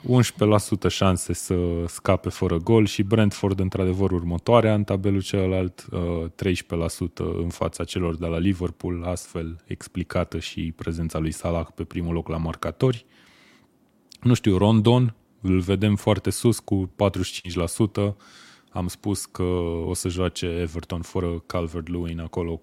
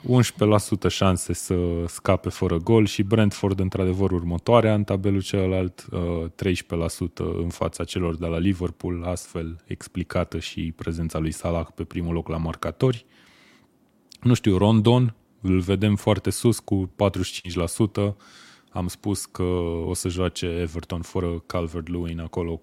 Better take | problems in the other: neither | none

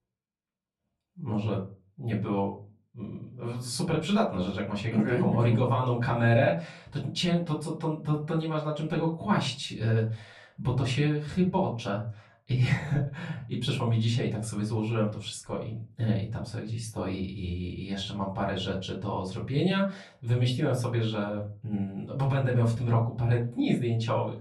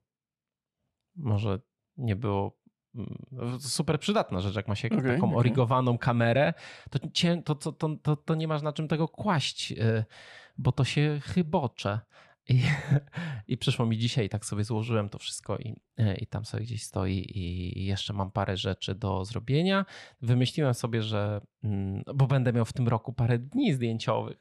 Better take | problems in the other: second | off-mic speech; far // room echo; very slight; dies away in 0.3 s

